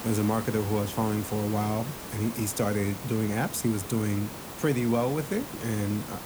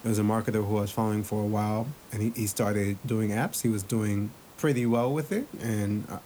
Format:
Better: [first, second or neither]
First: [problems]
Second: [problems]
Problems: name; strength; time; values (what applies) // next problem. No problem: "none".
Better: second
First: hiss; loud; throughout; 9 dB below the speech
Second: hiss; faint; throughout; 20 dB below the speech